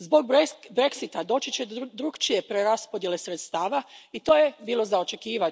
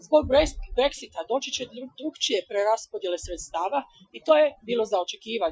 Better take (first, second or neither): first